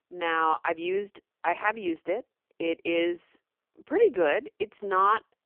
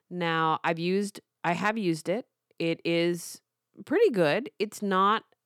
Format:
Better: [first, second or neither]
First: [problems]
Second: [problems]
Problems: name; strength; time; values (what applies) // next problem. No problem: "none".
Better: second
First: phone-call audio; poor line; nothing above 3 kHz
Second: none